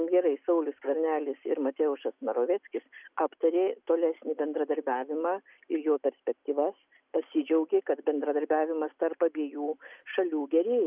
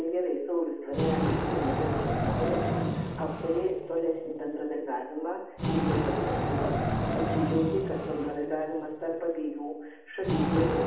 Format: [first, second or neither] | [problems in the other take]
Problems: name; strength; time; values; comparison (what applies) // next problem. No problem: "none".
first | background sound (Wild animals); as loud as the speech // room echo; dies away in 0.8 s